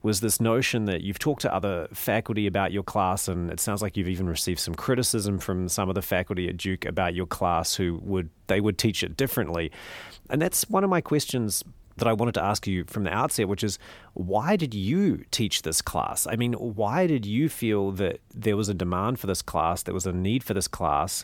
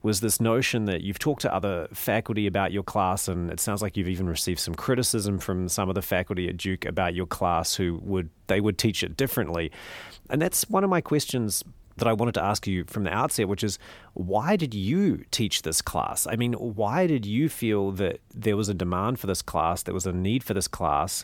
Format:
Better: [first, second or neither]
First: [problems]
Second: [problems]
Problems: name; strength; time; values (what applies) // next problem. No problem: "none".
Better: neither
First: none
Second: none